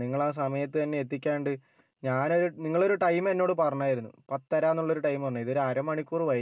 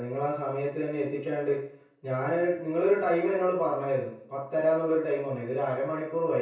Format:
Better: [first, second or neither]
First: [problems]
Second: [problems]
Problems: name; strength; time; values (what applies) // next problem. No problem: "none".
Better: first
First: none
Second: room echo; dies away in 0.6 s